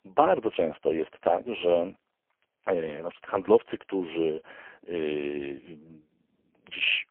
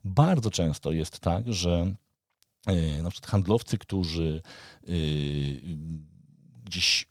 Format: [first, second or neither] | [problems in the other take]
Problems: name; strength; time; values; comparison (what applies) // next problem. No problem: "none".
second | phone-call audio; poor line; nothing above 3 kHz